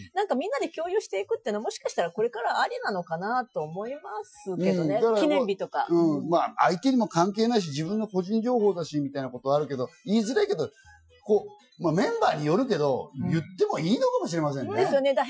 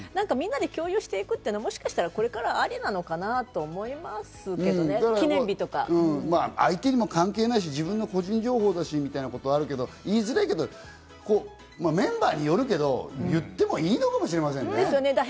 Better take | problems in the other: second | noise reduction (classical method Wiener filter)

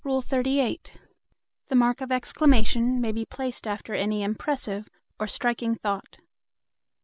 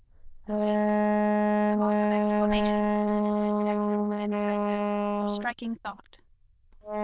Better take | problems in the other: first | noise reduction (neural diffusion model UNIVERSE++)

